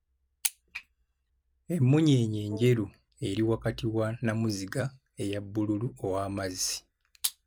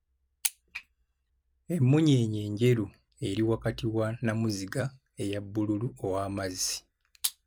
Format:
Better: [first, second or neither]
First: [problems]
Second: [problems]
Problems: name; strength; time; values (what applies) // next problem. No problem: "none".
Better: second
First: background sound (Wind instrument, woodwind instrument); 18 dB below the speech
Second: none